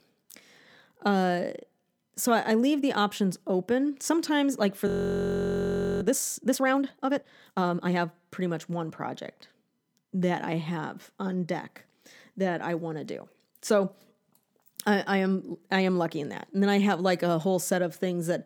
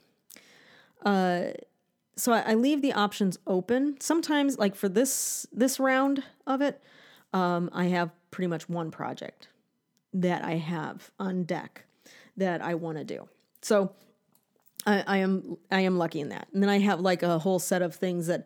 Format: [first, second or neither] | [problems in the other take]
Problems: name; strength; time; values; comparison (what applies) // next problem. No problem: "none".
second | audio freezing; at 5 s for 1 s